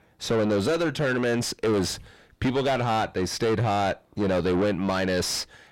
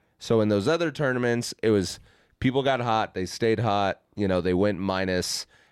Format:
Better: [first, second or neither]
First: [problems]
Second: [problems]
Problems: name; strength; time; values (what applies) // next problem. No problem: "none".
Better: second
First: distortion; heavy; 7 dB below the speech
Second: none